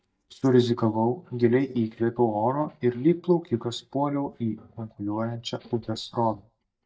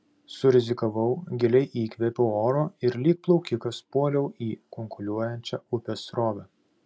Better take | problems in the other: second | noise reduction (neural mask model DeepFilterNet 3)

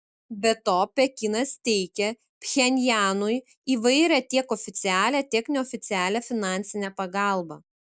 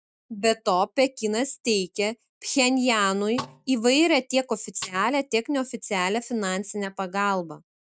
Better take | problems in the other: first | noise reduction (neural mask model RNNoise)

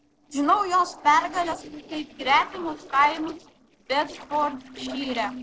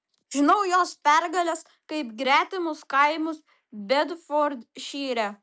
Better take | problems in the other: second | noise reduction (neural separator model SepFormer DNS4)

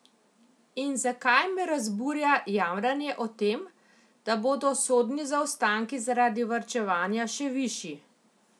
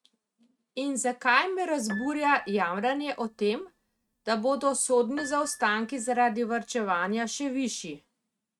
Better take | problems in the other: first | noise reduction (neural mask model RNNoise)

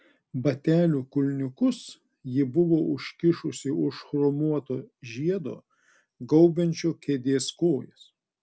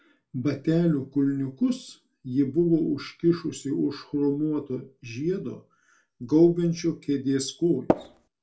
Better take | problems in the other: first | background sound (Tap); as loud as the speech // room echo; dies away in 0.2 s

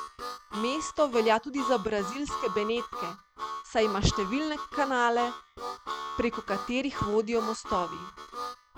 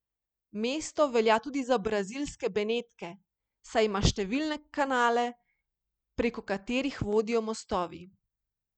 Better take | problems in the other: second | background sound (Harmonica); 7 dB below the speech

